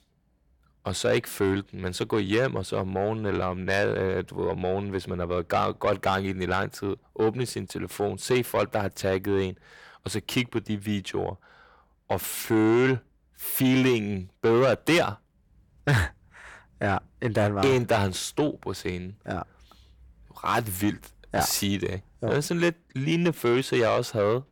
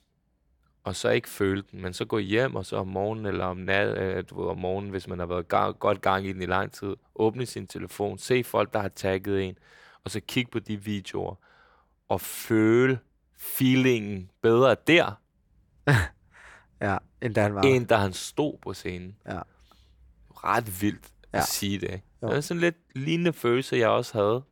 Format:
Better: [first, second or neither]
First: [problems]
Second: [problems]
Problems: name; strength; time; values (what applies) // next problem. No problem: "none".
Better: second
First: distortion; slight; 10 dB below the speech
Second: none